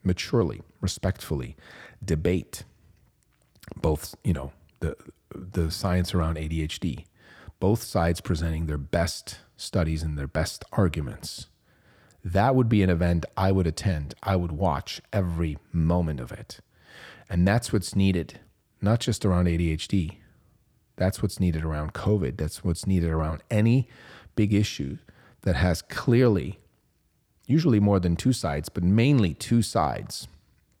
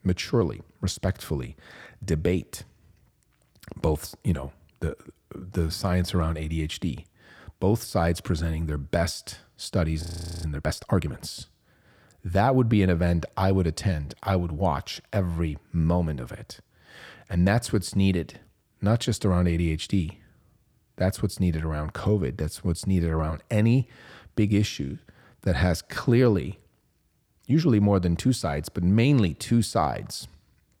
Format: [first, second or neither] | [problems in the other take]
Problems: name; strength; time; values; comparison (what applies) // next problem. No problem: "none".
first | audio freezing; at 10 s